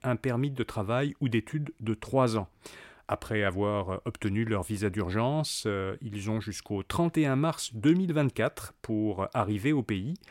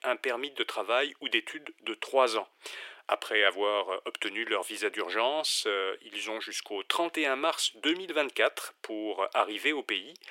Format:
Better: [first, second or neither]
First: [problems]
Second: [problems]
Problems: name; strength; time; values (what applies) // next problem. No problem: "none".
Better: first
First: none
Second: thin; very; fading below 400 Hz